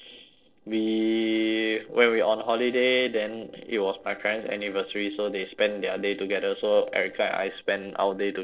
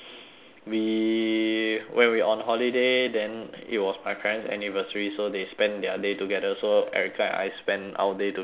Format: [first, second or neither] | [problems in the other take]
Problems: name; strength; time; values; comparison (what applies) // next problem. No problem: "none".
second | noise reduction (neural separator model SepFormer DNS4)